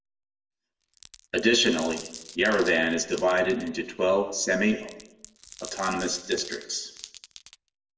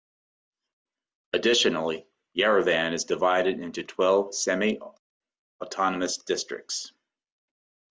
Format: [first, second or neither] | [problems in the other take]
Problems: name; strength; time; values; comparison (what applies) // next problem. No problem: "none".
second | background sound (Glass); 17 dB below the speech // room echo; dies away in 0.7 s